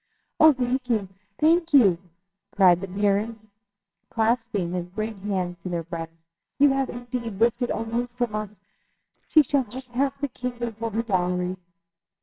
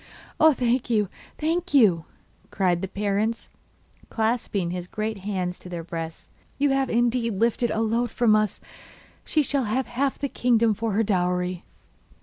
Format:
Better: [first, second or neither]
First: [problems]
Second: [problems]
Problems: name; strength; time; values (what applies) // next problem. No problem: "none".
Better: second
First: noise reduction (neural separator model SepFormer WHAMR!)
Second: none